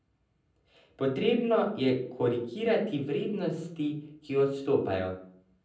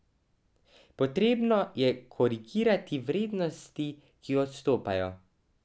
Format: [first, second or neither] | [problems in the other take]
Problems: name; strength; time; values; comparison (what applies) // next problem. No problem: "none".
second | room echo; dies away in 0.6 s